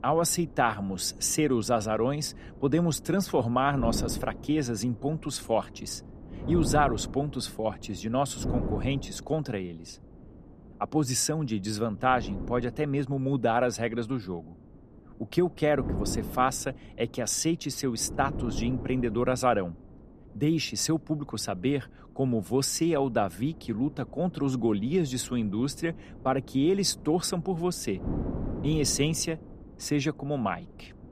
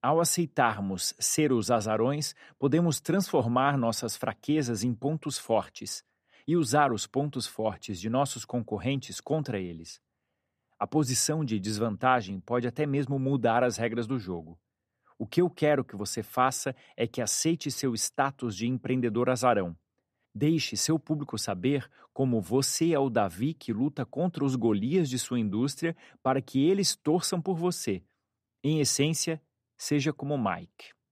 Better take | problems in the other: second | wind noise on the microphone; occasional gusts; 15 dB below the speech

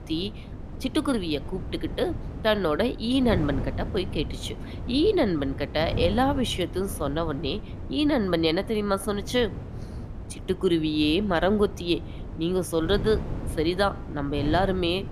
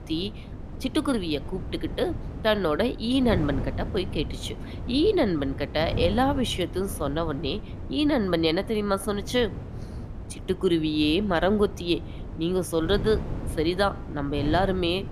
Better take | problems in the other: neither | wind noise on the microphone; occasional gusts; 15 dB below the speech; the same in both

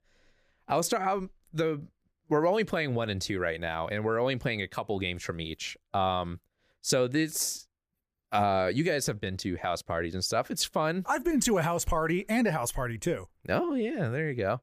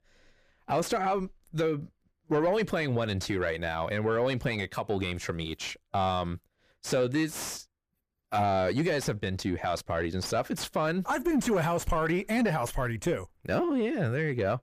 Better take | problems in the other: first | distortion; slight; 10 dB below the speech

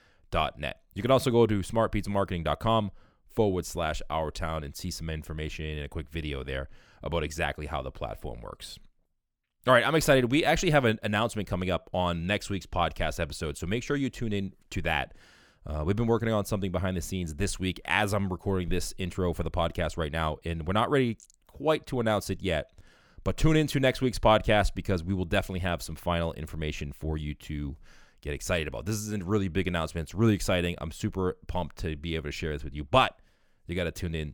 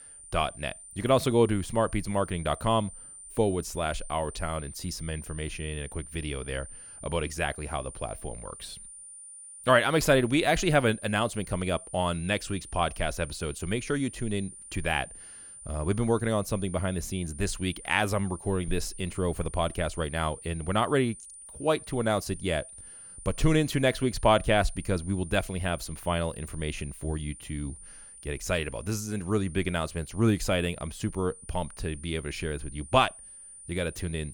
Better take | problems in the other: first | high-pitched whine; noticeable; throughout; 9.5 kHz, 15 dB below the speech

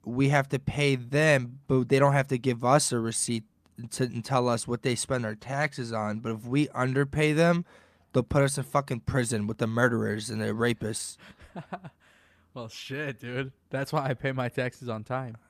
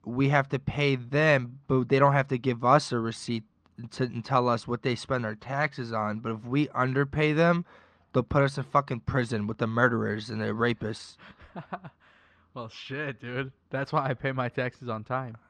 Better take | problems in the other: first | muffled; very slightly; fading above 5 kHz

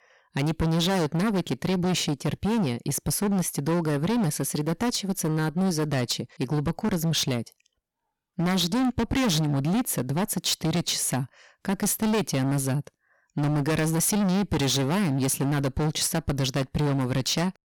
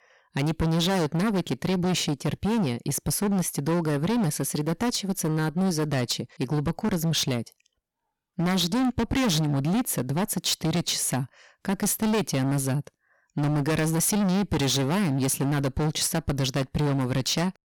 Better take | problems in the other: neither | distortion; heavy; 23% of the sound clipped; the same in both

